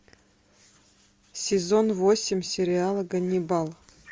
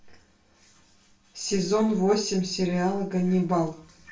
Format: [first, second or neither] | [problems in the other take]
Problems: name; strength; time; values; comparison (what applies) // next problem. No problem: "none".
first | room echo; dies away in 0.3 s